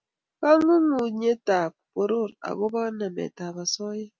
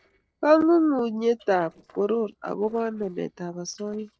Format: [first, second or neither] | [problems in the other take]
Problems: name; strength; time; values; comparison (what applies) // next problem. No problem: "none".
first | noise reduction (neural separator model SepFormer DNS4)